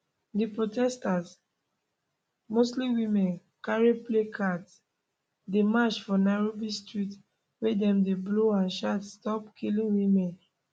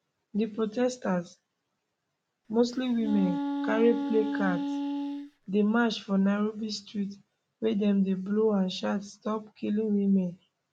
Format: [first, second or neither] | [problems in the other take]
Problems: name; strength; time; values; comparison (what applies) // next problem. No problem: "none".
first | background sound (Wind instrument, woodwind instrument); 3 dB below the speech